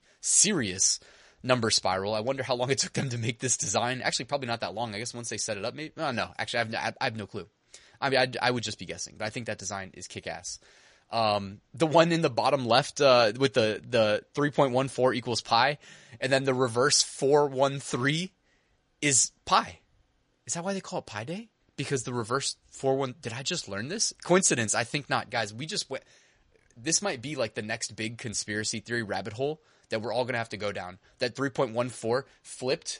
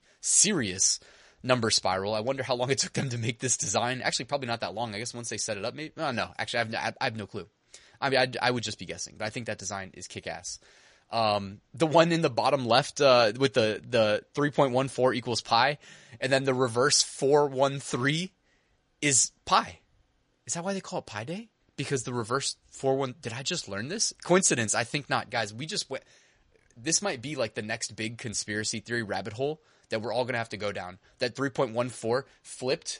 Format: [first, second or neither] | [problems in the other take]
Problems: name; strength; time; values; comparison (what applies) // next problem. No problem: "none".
neither | garbled, watery; slightly; nothing above 10.5 kHz; the same in both